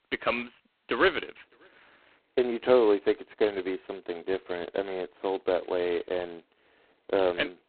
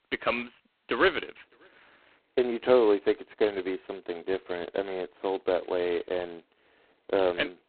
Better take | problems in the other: neither | phone-call audio; poor line; nothing above 4 kHz; the same in both

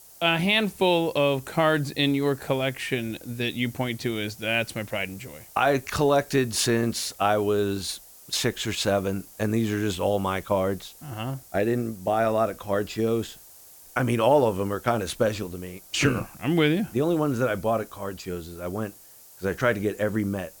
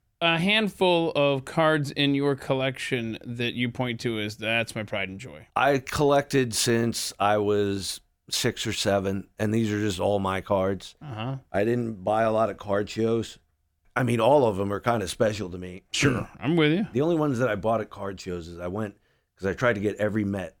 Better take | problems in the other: second | hiss; faint; throughout; 20 dB below the speech

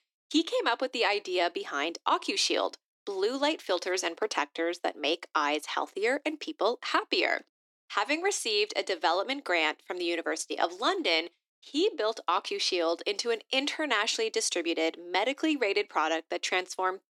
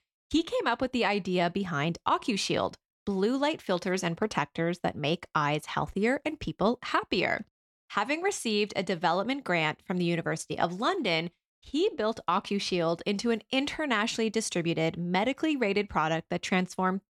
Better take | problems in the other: second | thin; somewhat; fading below 300 Hz

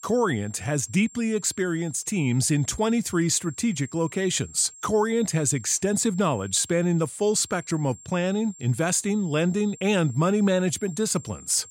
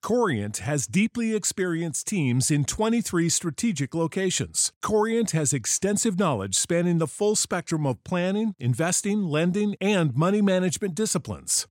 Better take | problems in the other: second | high-pitched whine; noticeable; throughout; 7.5 kHz, 20 dB below the speech

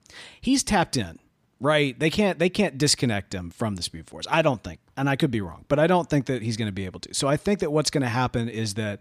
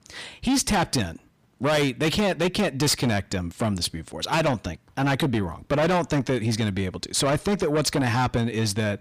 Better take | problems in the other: first | distortion; heavy; 7 dB below the speech

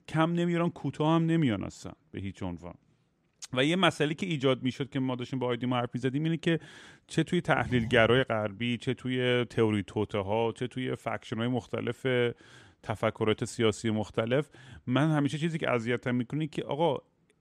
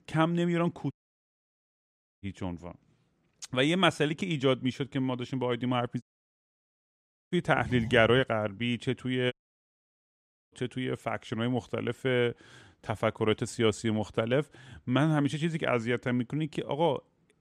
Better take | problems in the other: first | audio cutting out; at 1 s for 1.5 s, at 6 s for 1.5 s and at 9.5 s for 1 s

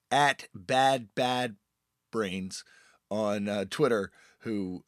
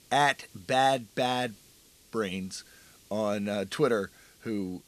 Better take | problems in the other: first | hiss; faint; throughout; 25 dB below the speech

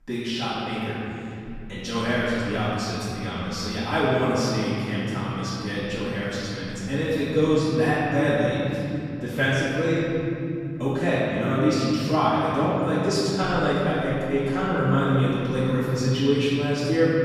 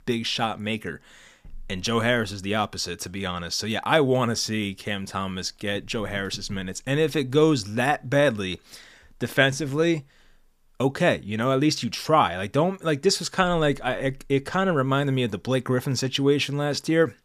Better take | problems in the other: second | off-mic speech; far // room echo; strong; dies away in 3 s

